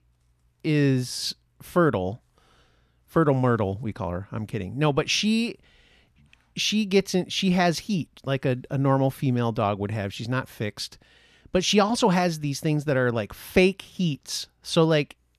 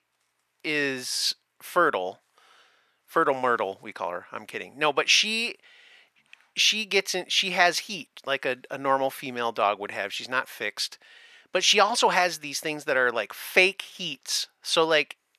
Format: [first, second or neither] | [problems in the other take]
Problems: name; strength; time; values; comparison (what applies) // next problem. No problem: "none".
first | thin; very; fading below 600 Hz